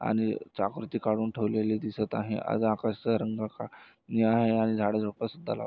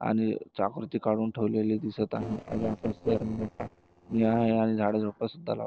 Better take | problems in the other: first | noise reduction (neural separator model SepFormer DNS4)

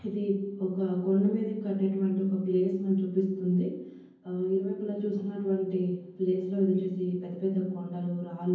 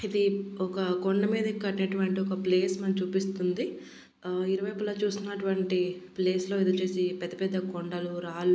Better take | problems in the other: second | room echo; dies away in 0.9 s

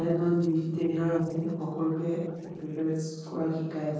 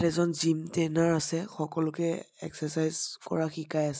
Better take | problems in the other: second | noise reduction (neural separator model SepFormer DNS4)

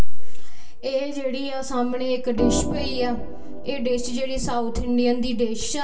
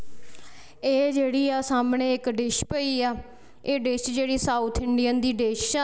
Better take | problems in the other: second | background sound (Organ); 10 dB below the speech // room echo; dies away in 0.2 s

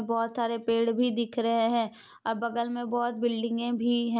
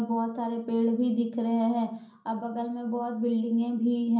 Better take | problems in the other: first | room echo; dies away in 0.6 s

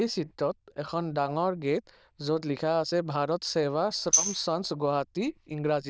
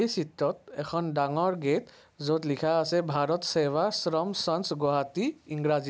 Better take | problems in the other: second | noise reduction (neural diffusion model UNIVERSE++)

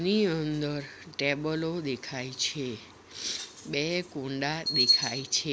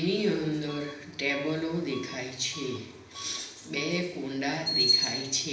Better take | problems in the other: first | background sound (Bus / Alarm); 19 dB below the speech // room echo; dies away in 0.9 s

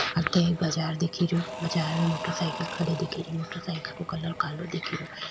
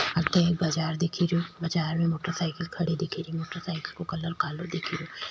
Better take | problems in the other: second | background sound (Engine / Drill / Mechanisms); 11 dB below the speech

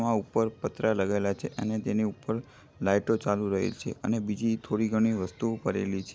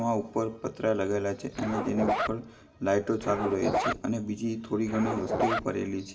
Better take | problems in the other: first | background sound (Zipper (clothing)); 2 dB below the speech // room echo; dies away in 0.6 s

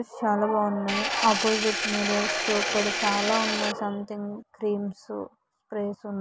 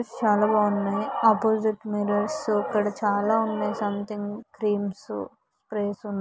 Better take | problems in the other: second | background sound (Engine); 1 dB below the speech

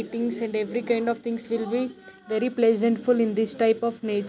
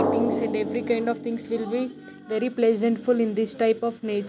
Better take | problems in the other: first | background sound (Drum); 7 dB below the speech

